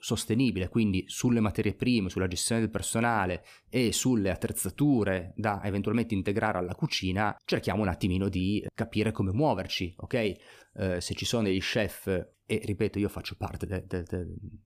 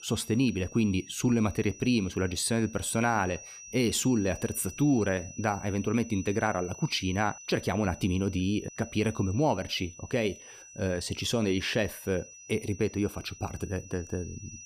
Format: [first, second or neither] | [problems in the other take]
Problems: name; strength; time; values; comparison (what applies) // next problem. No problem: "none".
first | high-pitched whine; noticeable; throughout; 6 kHz, 15 dB below the speech